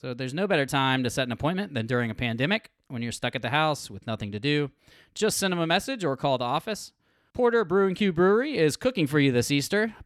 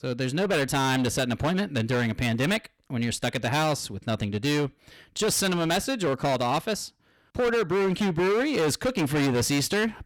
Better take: first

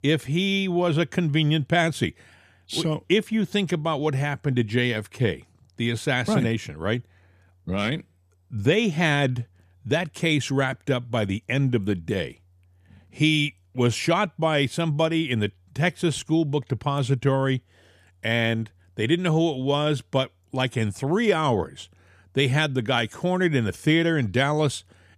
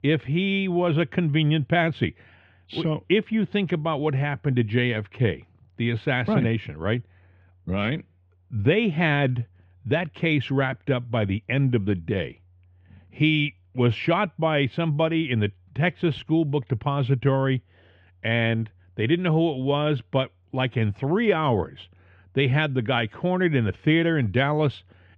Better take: first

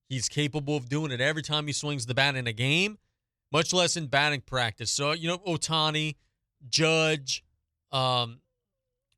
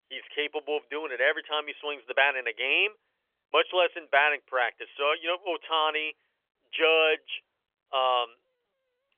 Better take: first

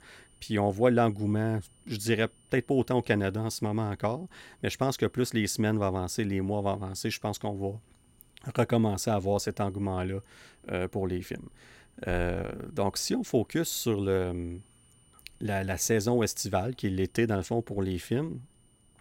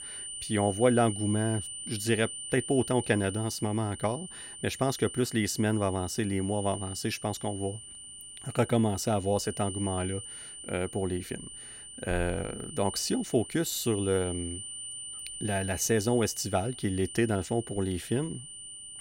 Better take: first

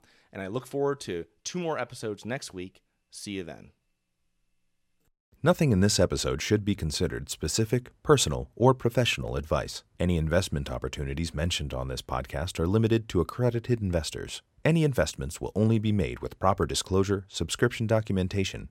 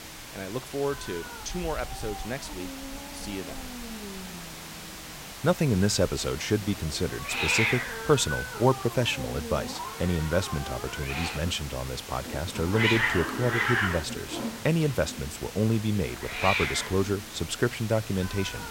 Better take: first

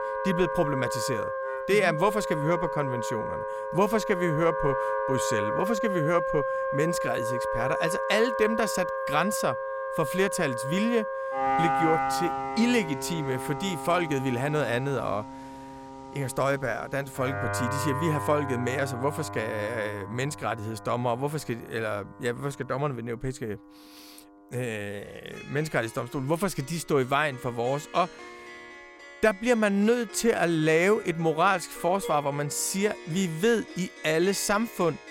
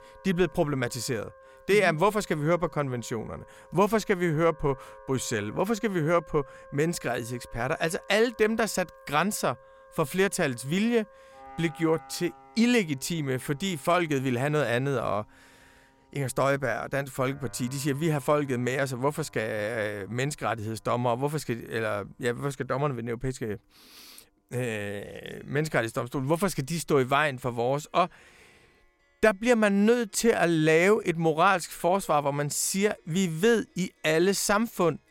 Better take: second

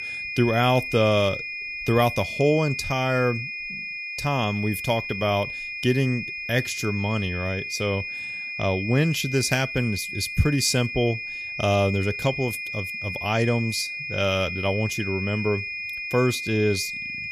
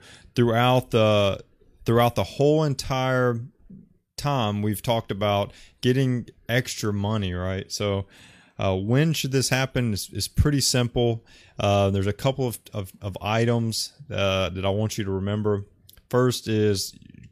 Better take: second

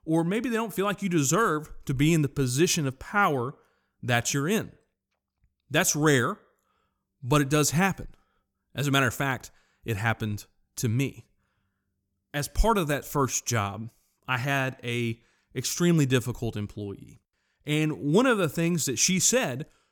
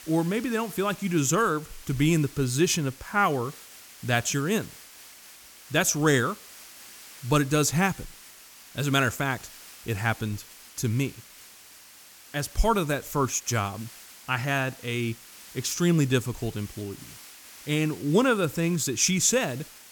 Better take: first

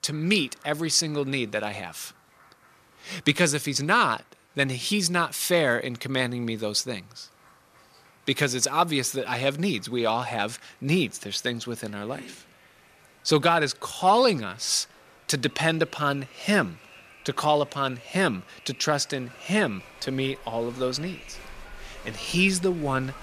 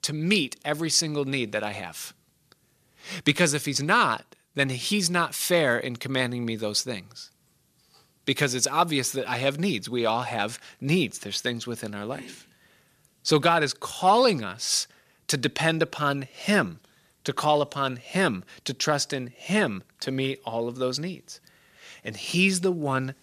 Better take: second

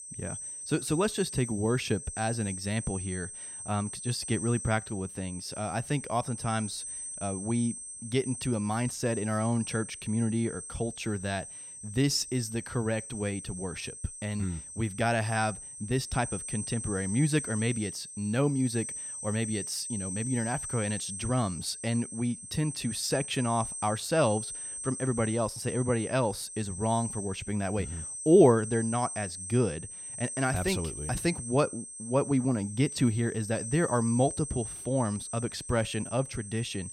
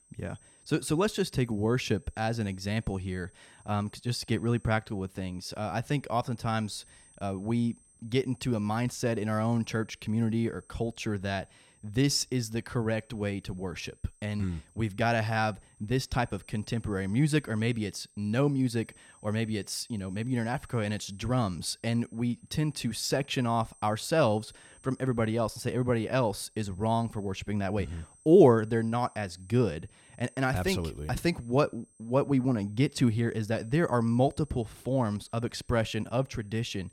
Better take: second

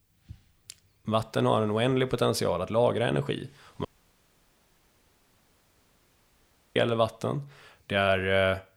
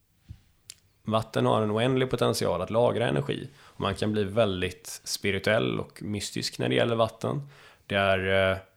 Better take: second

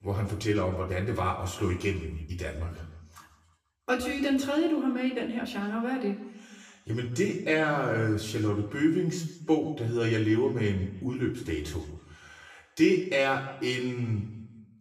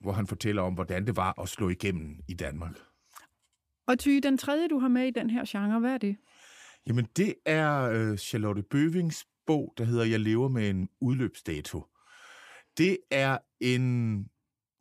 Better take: second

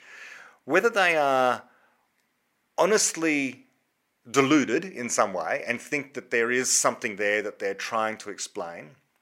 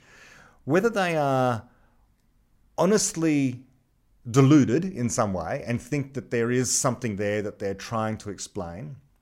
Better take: second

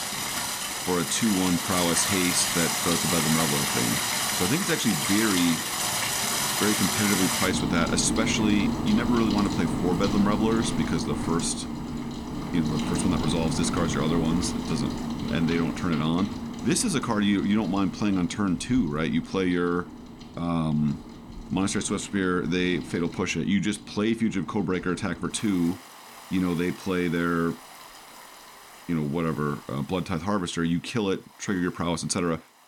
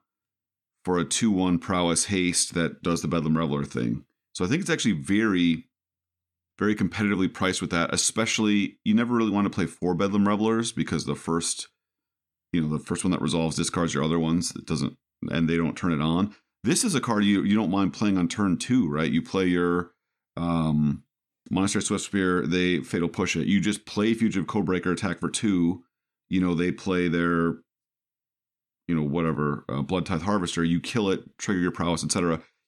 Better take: second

